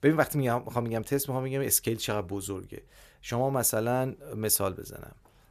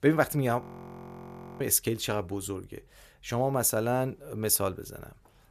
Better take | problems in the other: first | audio freezing; at 0.5 s for 1 s

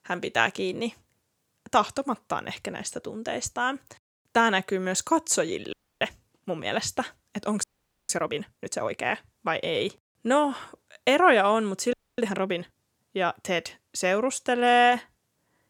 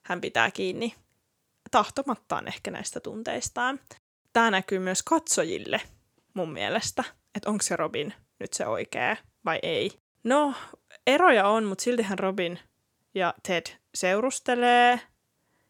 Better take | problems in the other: second | audio freezing; at 5.5 s, at 7.5 s and at 12 s

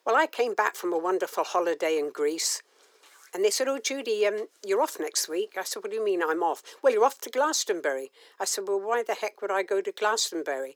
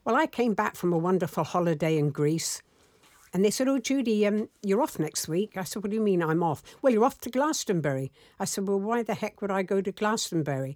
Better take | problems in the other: second | thin; very; fading below 350 Hz

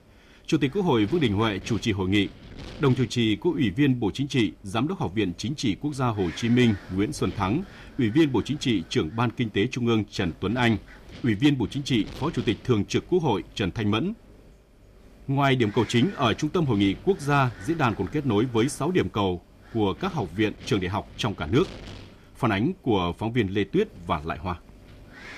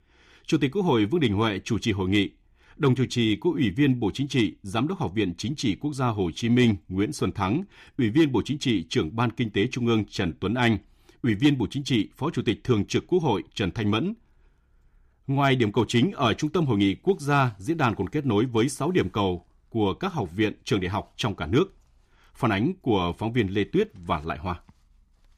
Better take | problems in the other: second | wind noise on the microphone; occasional gusts; 20 dB below the speech

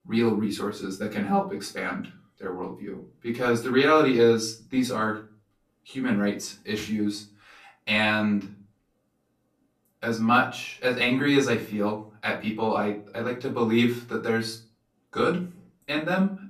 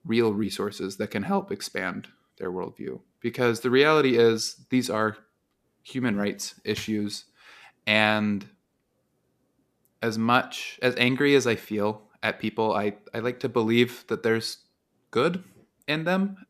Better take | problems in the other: second | off-mic speech; far // room echo; very slight; dies away in 0.3 s

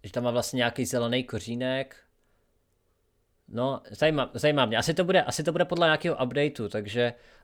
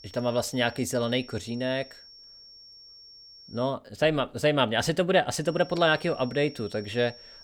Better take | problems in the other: first | high-pitched whine; faint; until 3.5 s and from 5.5 s on; 5.5 kHz, 20 dB below the speech

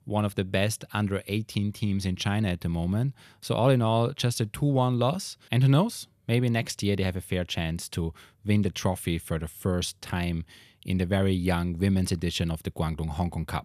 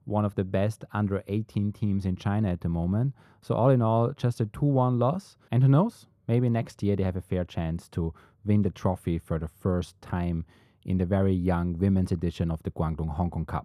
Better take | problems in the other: first | muffled; very; fading above 1.5 kHz

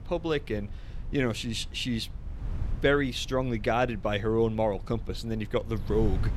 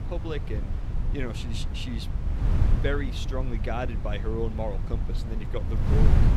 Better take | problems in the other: first | wind noise on the microphone; heavy; 6 dB below the speech; occasional gusts in the first

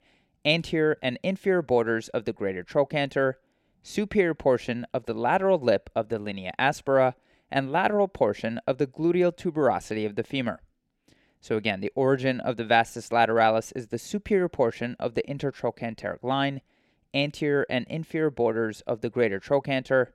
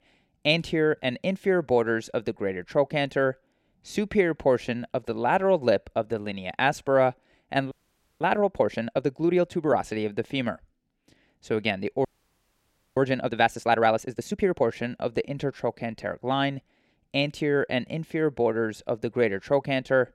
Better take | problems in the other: first | audio freezing; at 7.5 s and at 12 s for 1 s

